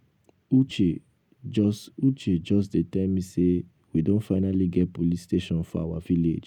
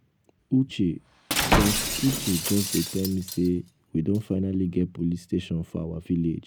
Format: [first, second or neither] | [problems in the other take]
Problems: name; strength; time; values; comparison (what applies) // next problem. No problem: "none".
first | background sound (Shatter + Slam / Wood); 3 dB below the speech